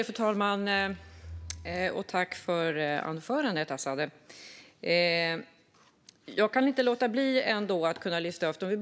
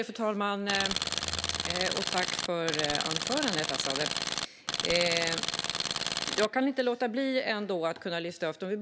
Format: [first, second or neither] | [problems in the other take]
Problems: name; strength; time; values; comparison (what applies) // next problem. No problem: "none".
first | background sound (Tools); as loud as the speech